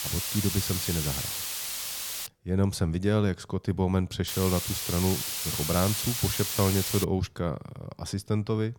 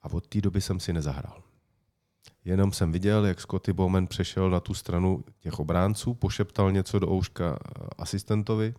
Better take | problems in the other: second | hiss; loud; until 2.5 s and from 4.5 to 7 s; 1 dB below the speech

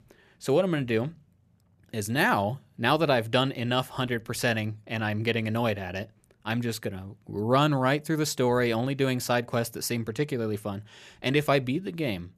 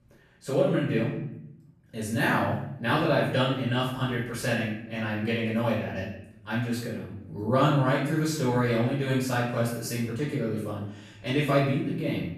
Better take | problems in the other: first | off-mic speech; far // room echo; noticeable; dies away in 0.7 s

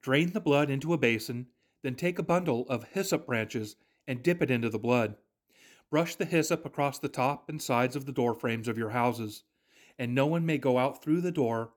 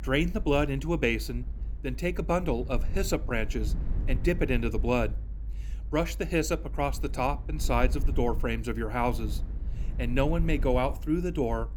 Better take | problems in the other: first | low rumble; faint; throughout; 20 dB below the speech

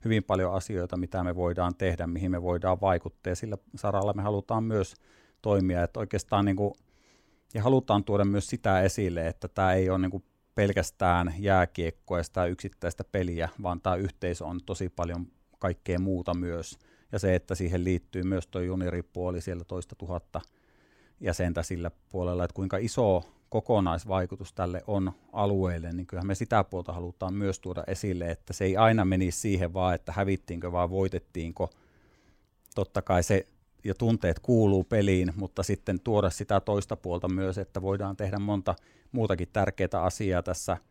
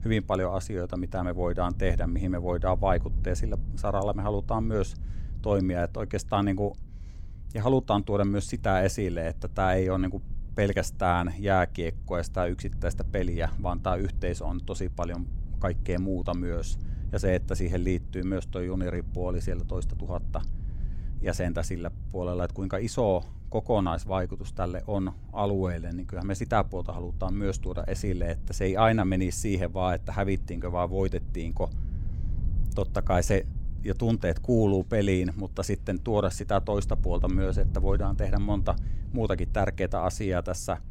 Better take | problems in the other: first | low rumble; faint; throughout; 25 dB below the speech

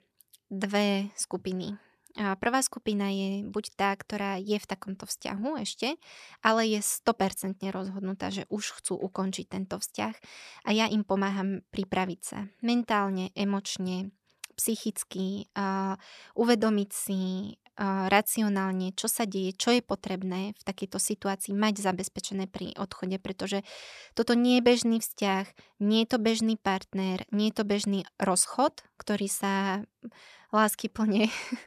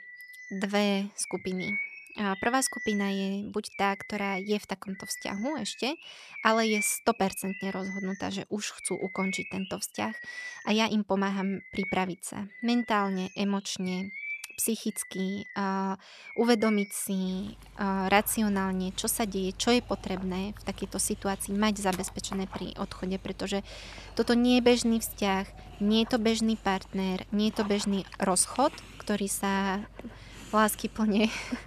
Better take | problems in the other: first | animal sounds; noticeable; throughout; 15 dB below the speech

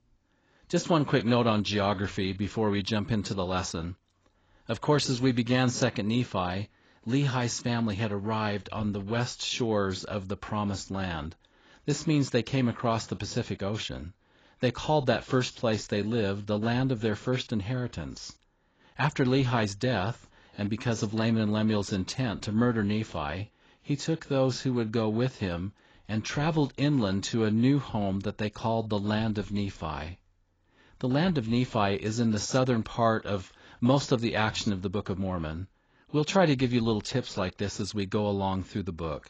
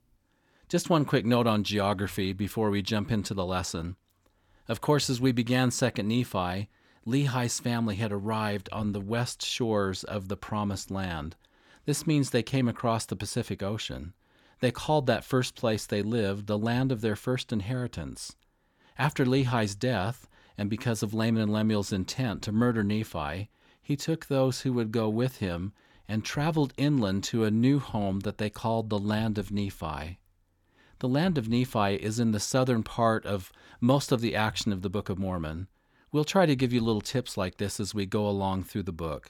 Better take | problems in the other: second | garbled, watery; badly; nothing above 7.5 kHz

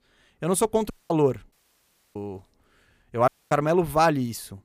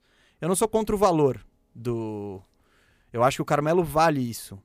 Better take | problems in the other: second | audio cutting out; at 1 s, at 1.5 s for 0.5 s and at 3.5 s

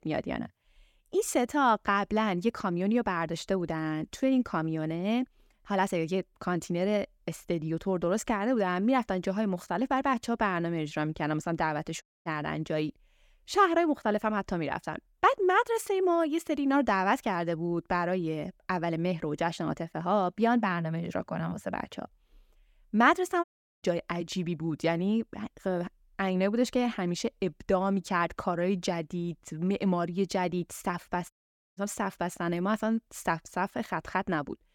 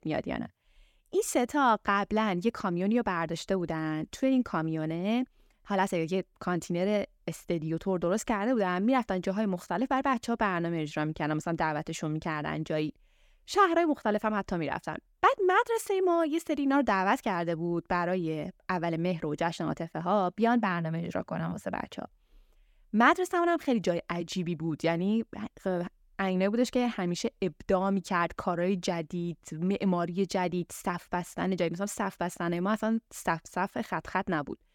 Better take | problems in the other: second | audio cutting out; at 12 s, at 23 s and at 31 s

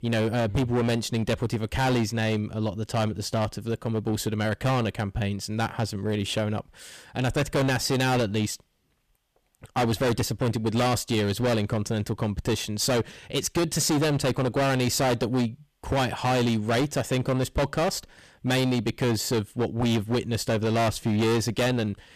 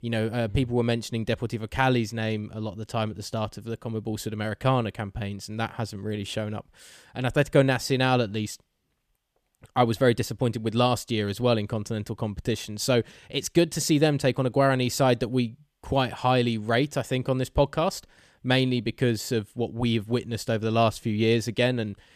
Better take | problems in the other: second | distortion; heavy; 18% of the sound clipped

